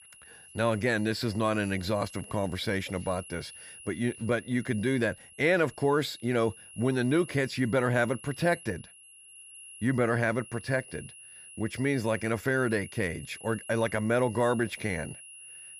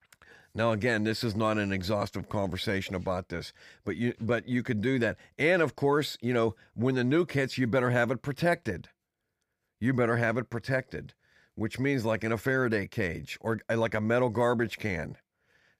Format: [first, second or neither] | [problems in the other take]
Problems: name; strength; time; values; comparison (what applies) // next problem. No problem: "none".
second | high-pitched whine; noticeable; throughout; 3 kHz, 15 dB below the speech